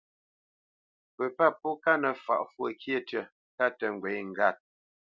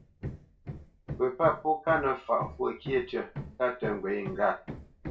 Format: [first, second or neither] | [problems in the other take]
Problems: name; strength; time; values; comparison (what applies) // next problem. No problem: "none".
first | background sound (Hammer); 11 dB below the speech // room echo; dies away in 0.2 s